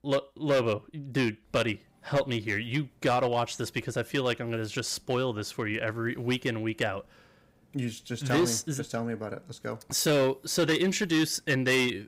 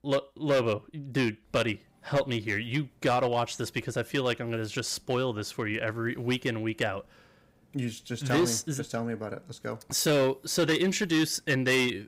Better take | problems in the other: neither | distortion; slight; 5% of the sound clipped; the same in both

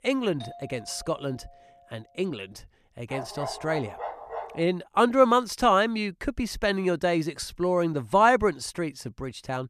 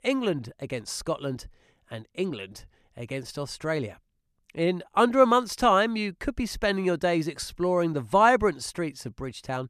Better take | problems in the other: second | doorbell; faint; until 2 s; peak 15 dB below the speech // dog barking; noticeable; from 3 to 4.5 s; peak 10 dB below the speech

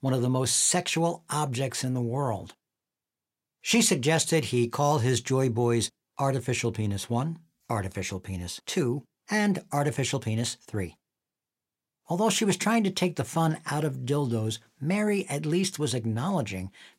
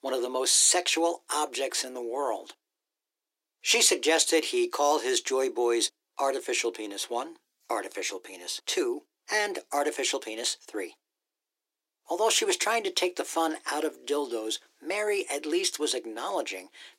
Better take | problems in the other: first | thin; very; fading below 300 Hz

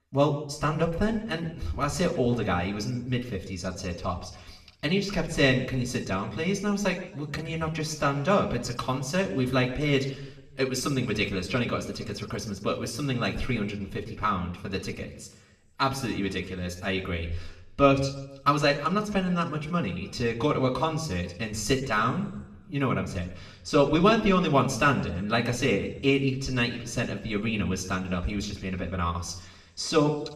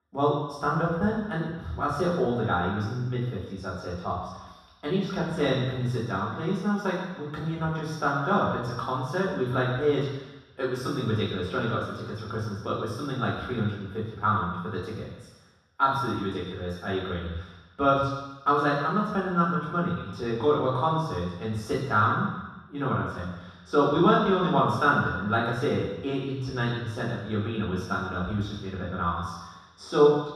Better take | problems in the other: first | room echo; strong; dies away in 1.2 s; slight in the first // off-mic speech; far; somewhat distant in the first

